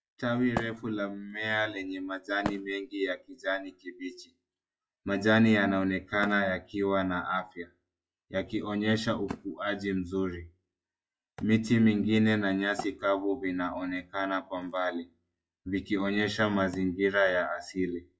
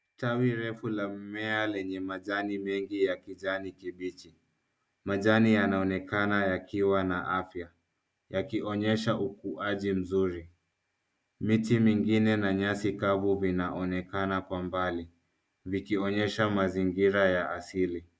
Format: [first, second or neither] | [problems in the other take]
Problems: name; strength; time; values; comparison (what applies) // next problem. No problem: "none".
second | noise reduction (classical method WPE with log-MMSE)